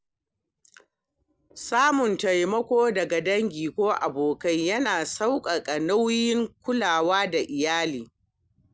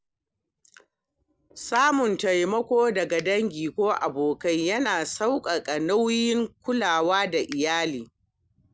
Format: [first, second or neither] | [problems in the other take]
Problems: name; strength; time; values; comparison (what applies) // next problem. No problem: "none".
first | background sound (Finger snapping); 19 dB below the speech